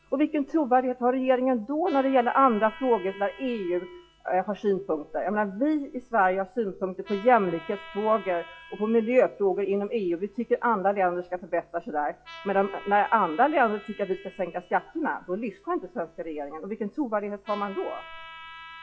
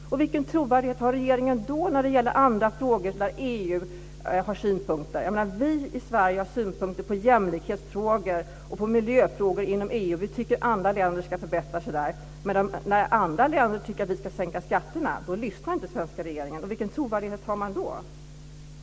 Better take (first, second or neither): second